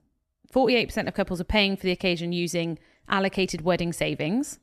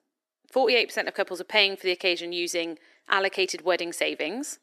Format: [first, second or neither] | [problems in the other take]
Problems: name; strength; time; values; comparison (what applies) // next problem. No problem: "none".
first | thin; somewhat; fading below 350 Hz